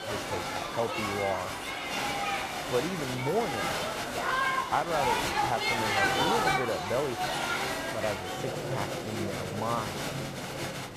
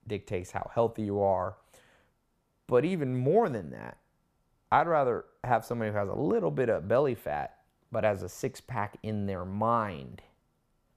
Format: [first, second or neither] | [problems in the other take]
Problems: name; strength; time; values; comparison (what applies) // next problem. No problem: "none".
second | crowd noise; very loud; throughout; 3 dB above the speech